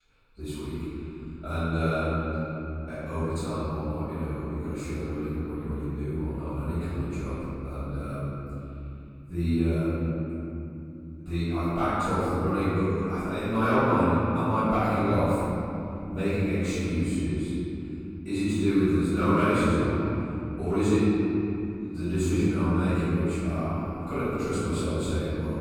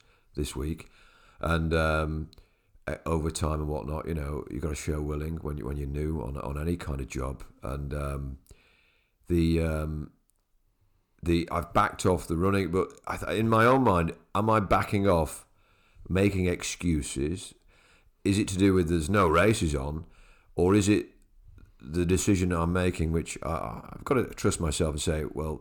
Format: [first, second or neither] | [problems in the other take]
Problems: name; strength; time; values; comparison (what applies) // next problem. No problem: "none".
second | off-mic speech; far // room echo; strong; dies away in 3 s